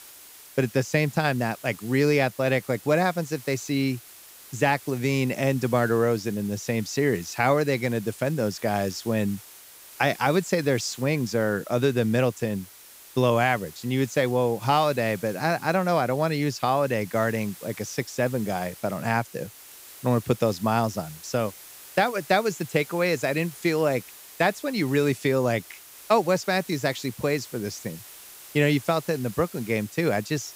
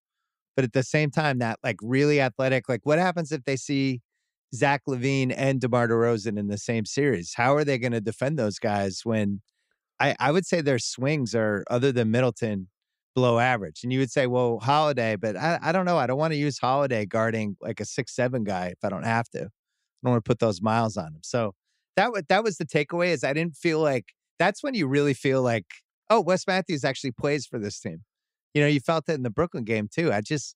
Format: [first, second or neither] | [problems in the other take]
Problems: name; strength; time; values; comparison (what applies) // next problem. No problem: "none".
second | hiss; noticeable; throughout; 20 dB below the speech